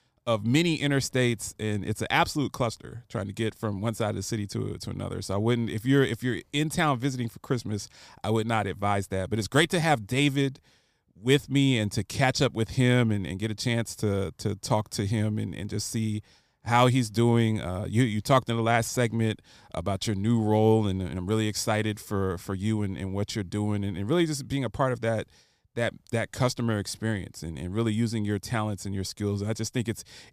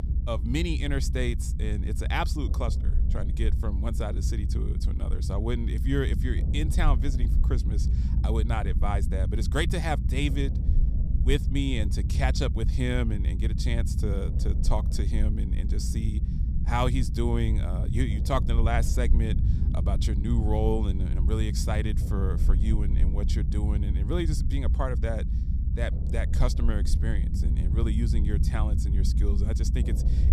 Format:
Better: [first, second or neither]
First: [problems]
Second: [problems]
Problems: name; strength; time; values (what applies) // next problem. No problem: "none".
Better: first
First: none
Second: low rumble; loud; throughout; 9 dB below the speech